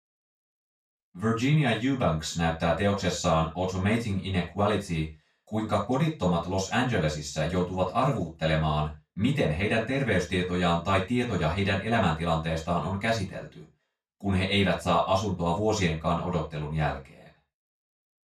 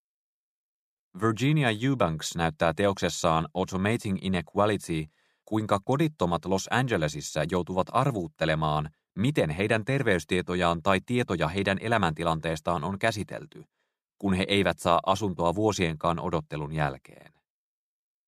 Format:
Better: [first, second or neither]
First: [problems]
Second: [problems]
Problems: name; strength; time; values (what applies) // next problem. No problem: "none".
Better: second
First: room echo; noticeable; dies away in 0.2 s // off-mic speech; far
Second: none